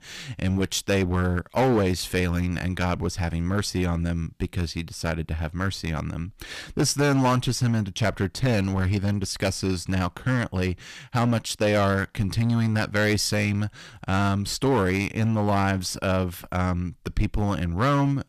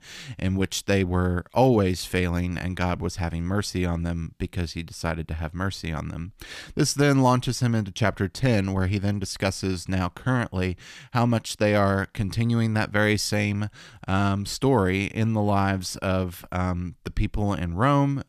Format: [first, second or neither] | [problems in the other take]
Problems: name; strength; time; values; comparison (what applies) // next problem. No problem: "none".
second | distortion; slight; 7% of the sound clipped